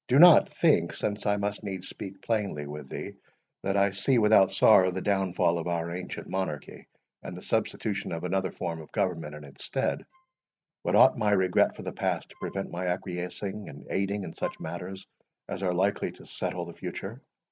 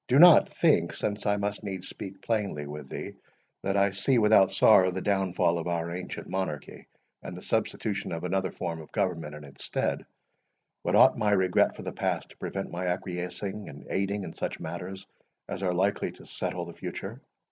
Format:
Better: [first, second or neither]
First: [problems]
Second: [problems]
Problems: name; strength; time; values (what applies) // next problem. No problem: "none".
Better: second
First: noise reduction (neural mask model RNNoise)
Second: none